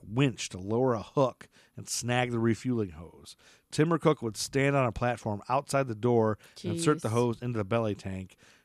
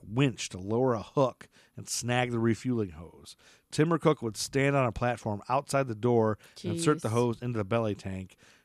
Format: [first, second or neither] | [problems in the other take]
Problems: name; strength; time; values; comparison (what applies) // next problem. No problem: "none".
neither | none